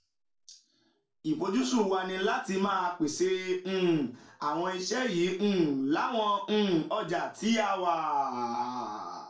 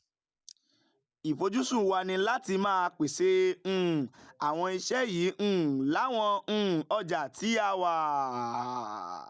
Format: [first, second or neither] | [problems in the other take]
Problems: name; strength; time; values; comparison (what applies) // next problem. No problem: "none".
second | room echo; dies away in 0.3 s